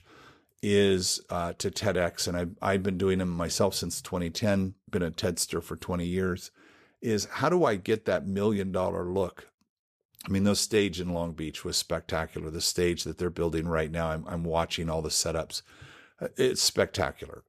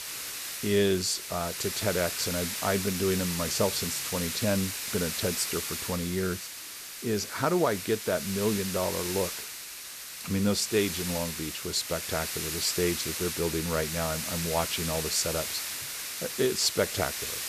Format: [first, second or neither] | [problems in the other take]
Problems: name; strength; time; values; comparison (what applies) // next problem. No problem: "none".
first | hiss; loud; throughout; 3 dB below the speech